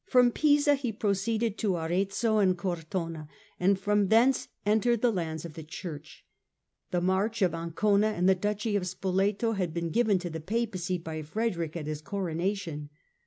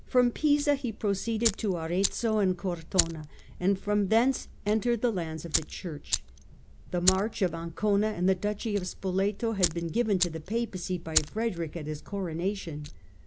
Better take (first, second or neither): first